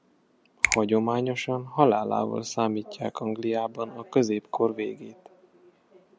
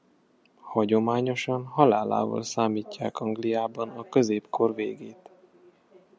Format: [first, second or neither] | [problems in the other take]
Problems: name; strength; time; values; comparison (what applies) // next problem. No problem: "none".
second | background sound (Finger snapping); 4 dB below the speech